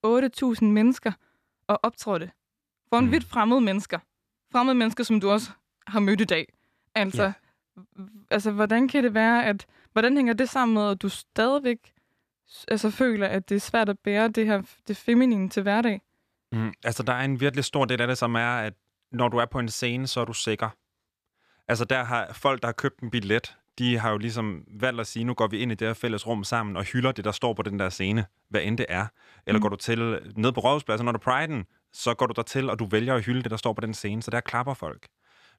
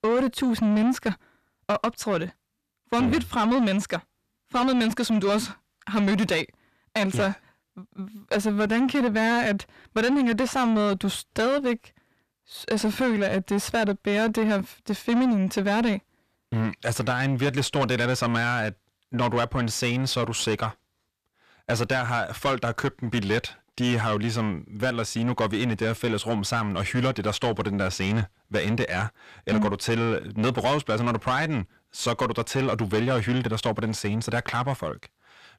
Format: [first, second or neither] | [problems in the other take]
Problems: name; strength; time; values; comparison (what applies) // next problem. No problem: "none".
first | distortion; heavy; 7 dB below the speech